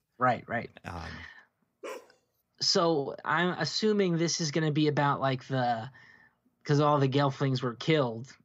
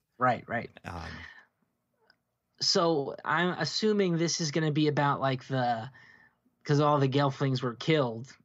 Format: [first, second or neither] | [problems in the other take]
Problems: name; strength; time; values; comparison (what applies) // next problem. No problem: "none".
second | dog barking; faint; at 2 s; peak 15 dB below the speech